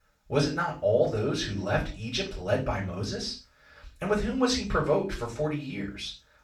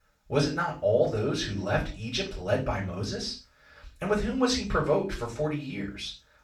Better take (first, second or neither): neither